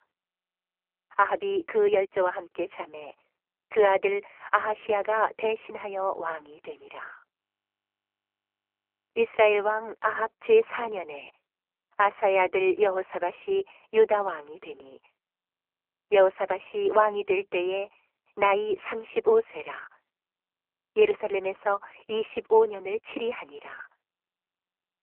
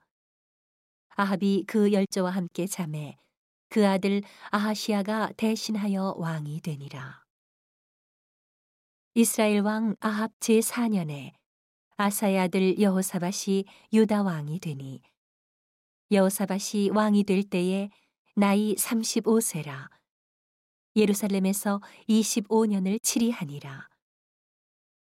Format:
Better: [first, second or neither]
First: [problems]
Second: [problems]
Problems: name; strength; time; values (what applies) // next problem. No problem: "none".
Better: second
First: phone-call audio; poor line; nothing above 3 kHz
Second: none